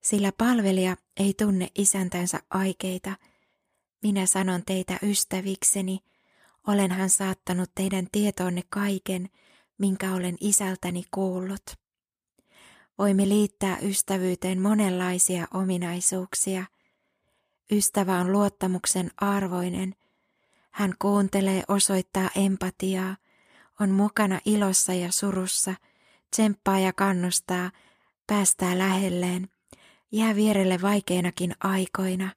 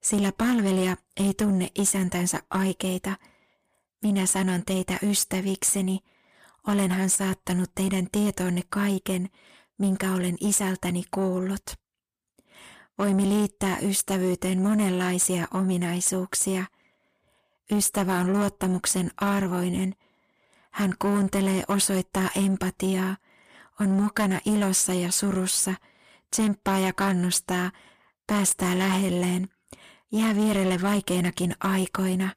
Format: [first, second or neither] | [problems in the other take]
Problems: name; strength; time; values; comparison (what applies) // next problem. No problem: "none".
first | distortion; slight; 9 dB below the speech